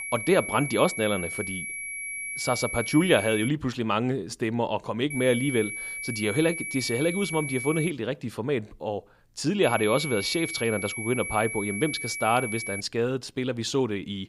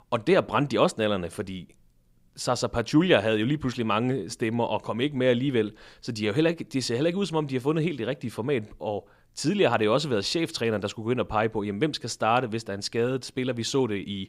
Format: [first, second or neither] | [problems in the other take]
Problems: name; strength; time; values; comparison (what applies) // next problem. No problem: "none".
second | high-pitched whine; loud; until 3.5 s, from 5 to 8 s and from 9.5 to 13 s; 2.5 kHz, 5 dB below the speech